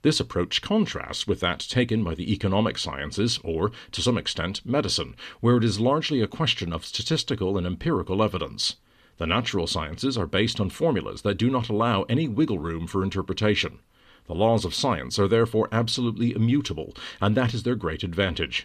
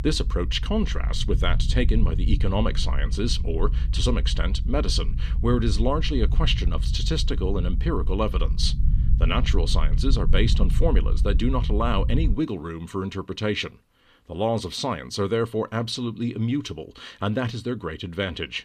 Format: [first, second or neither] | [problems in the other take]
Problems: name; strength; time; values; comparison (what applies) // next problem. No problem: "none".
first | low rumble; noticeable; until 12 s; 15 dB below the speech